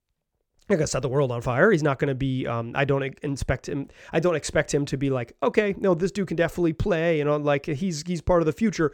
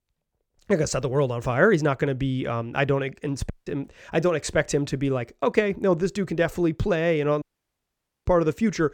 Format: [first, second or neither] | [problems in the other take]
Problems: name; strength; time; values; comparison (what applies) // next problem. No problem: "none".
first | audio cutting out; at 3.5 s and at 7.5 s for 1 s